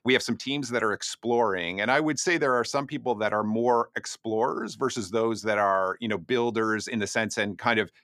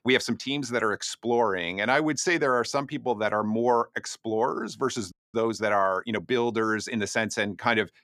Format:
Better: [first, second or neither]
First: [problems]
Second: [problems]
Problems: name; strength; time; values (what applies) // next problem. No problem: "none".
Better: first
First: none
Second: audio freezing; at 5 s